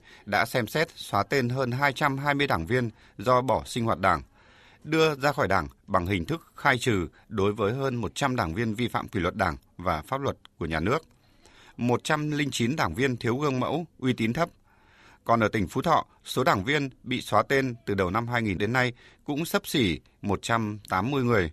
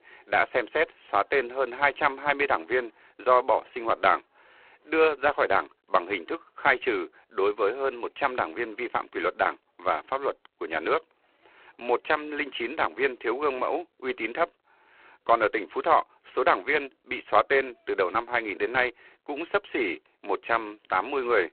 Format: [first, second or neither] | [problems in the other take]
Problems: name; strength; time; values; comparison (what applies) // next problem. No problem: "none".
first | phone-call audio; poor line; nothing above 4 kHz